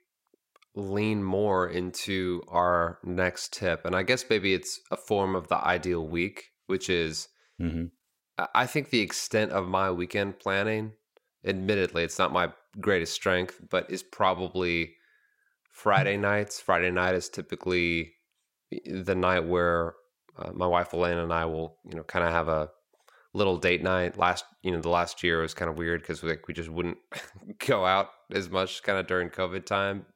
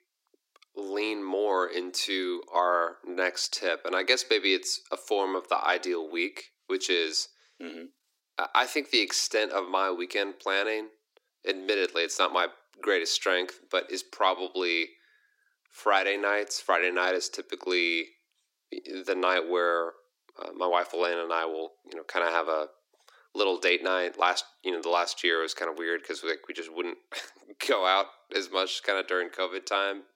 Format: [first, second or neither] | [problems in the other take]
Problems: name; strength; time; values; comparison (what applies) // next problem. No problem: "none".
first | thin; somewhat; fading below 300 Hz